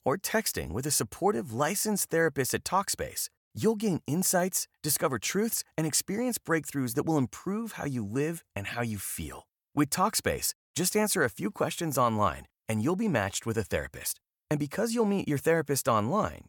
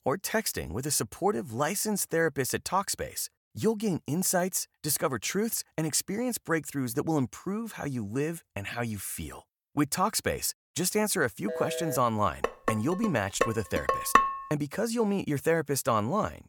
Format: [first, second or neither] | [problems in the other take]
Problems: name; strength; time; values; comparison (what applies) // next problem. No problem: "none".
first | phone ringing; noticeable; at 11 s; peak 5 dB below the speech // clattering dishes; loud; from 12 to 14 s; peak 6 dB above the speech